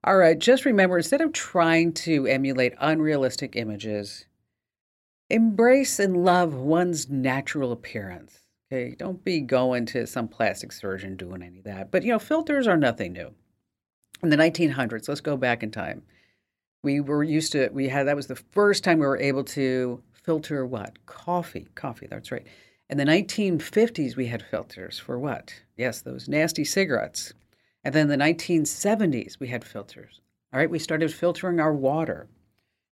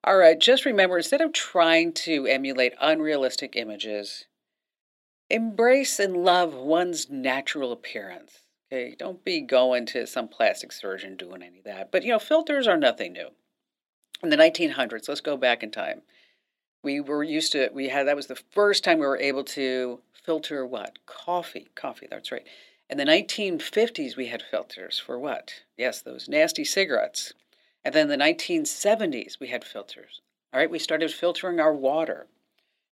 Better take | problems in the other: first | thin; somewhat; fading below 300 Hz

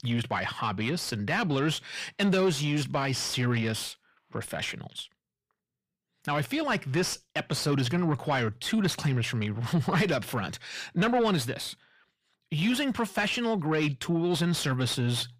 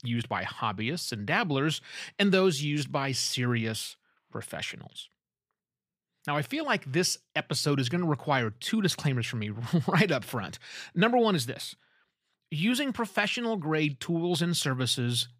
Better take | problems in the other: second | distortion; slight; 10 dB below the speech

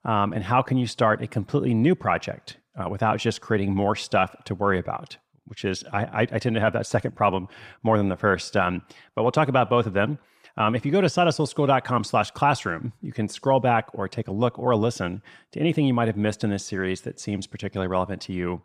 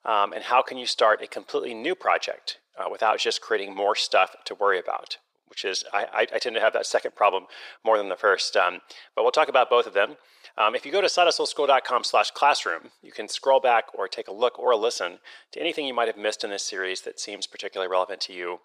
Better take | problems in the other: first | thin; very; fading below 450 Hz

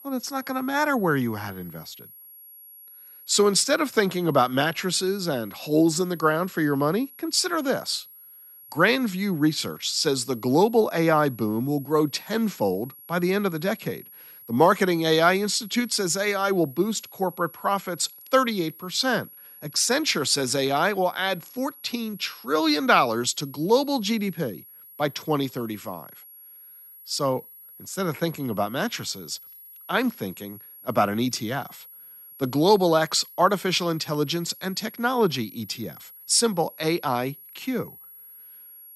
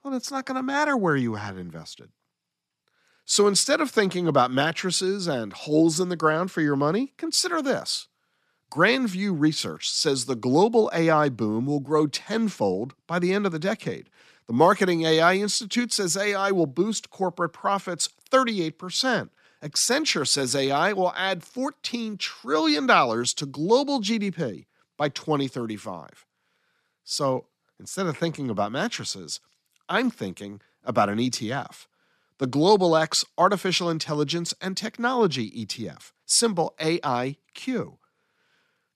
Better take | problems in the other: second | high-pitched whine; noticeable; throughout; 11.5 kHz, 20 dB below the speech

